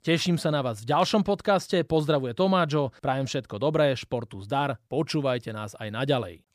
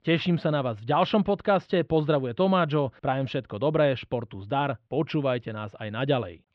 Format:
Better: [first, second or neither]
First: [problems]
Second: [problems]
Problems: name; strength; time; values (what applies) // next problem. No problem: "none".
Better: first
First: none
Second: muffled; slightly; fading above 3 kHz